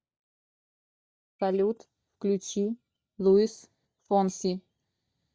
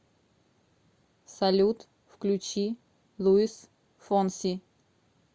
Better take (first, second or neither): second